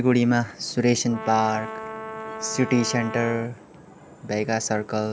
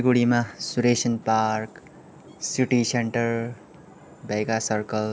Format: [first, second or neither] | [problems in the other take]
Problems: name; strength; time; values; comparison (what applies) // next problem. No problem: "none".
second | background sound (Brass instrument); 11 dB below the speech